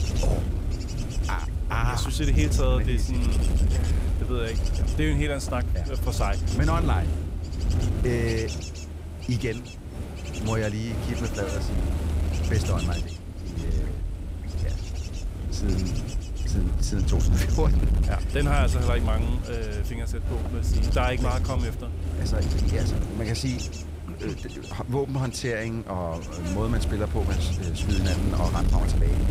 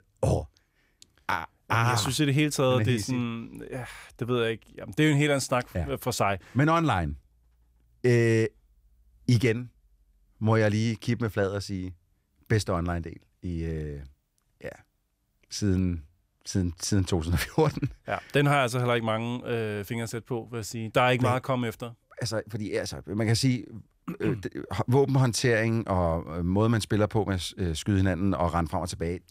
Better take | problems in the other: second | wind noise on the microphone; heavy; 6 dB below the speech

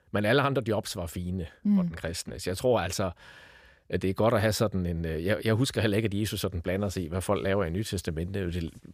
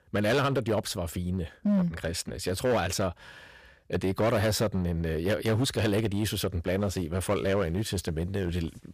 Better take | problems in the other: first | distortion; slight; 9% of the sound clipped

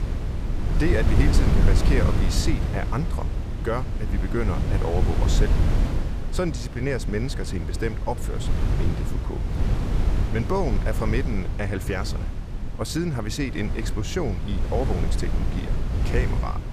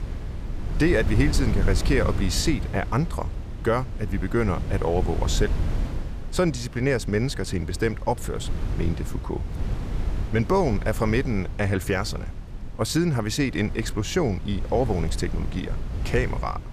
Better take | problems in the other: second | wind noise on the microphone; heavy; 5 dB below the speech; occasional gusts in the second

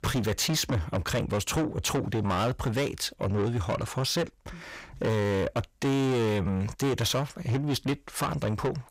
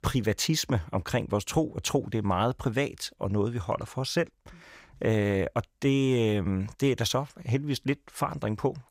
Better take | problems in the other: second | distortion; heavy; 7 dB below the speech

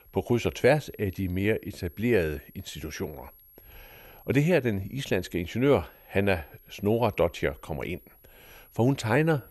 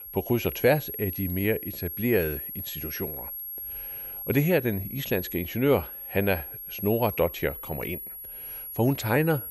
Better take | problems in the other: first | high-pitched whine; loud; throughout; 11.5 kHz, 7 dB below the speech; faint in the first

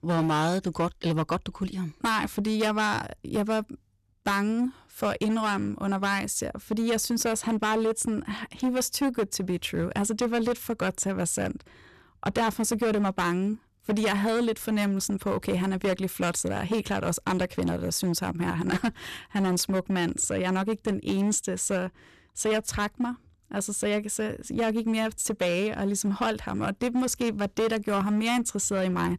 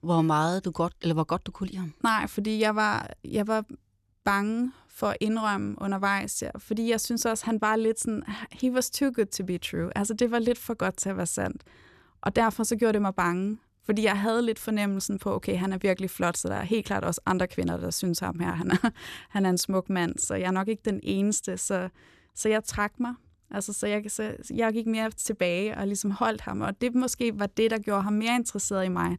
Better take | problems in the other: second | distortion; slight; 10% of the sound clipped

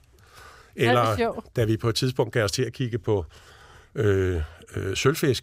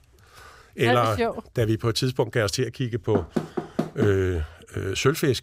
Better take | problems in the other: first | door banging; noticeable; at 3 s; peak 4 dB below the speech

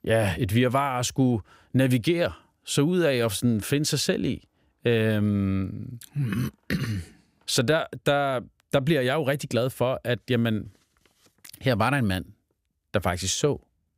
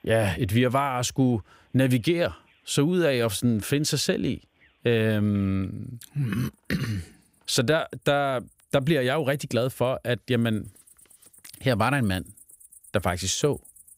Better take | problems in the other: first | animal sounds; faint; throughout; 30 dB below the speech

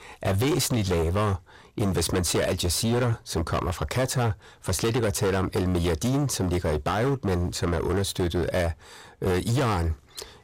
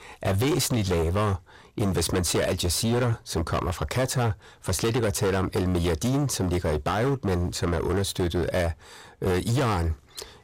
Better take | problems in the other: neither | distortion; heavy; 21% of the sound clipped; the same in both

